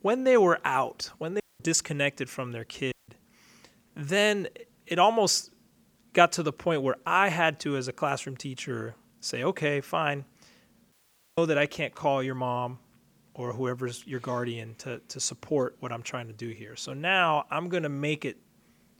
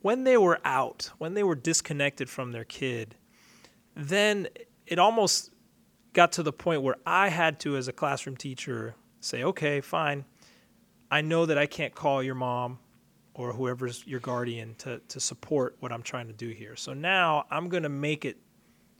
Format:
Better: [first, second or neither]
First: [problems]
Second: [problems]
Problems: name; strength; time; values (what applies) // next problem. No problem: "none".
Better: second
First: audio cutting out; at 1.5 s, at 3 s and at 11 s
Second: none